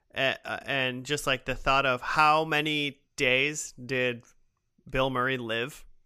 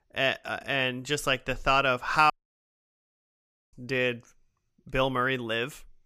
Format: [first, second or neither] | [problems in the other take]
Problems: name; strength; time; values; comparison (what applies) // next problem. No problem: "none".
first | audio cutting out; at 2.5 s for 1.5 s